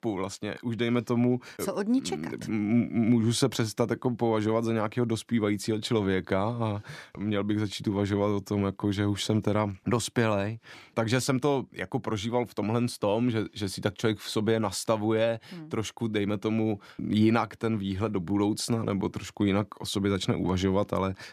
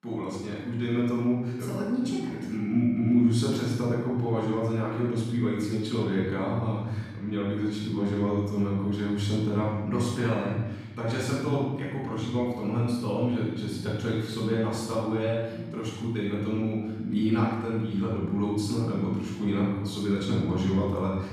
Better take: first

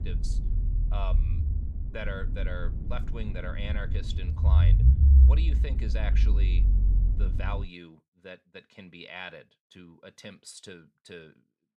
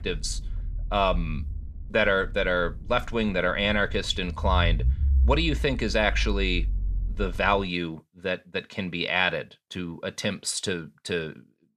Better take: second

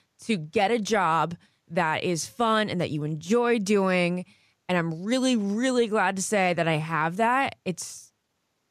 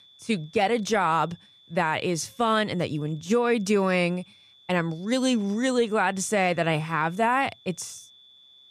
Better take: first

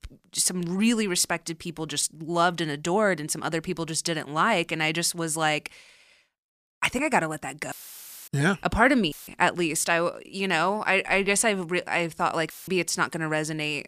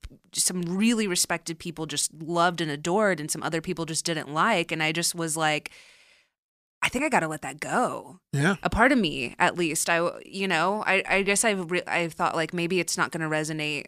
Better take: second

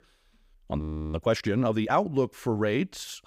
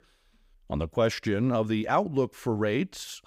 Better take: second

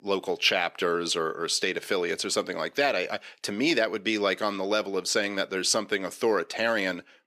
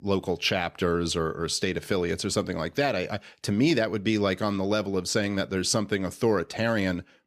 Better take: second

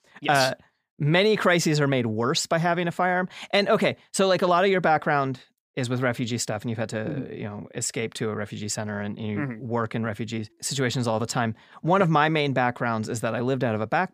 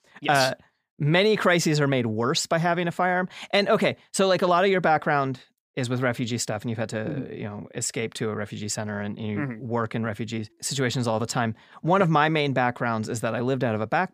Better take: neither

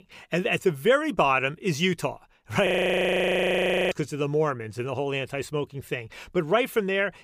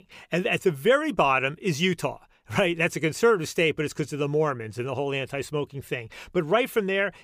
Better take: second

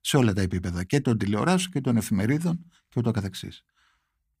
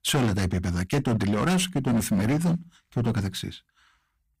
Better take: first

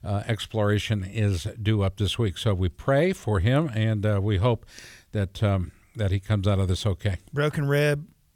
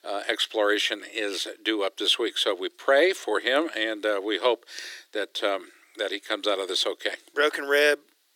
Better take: first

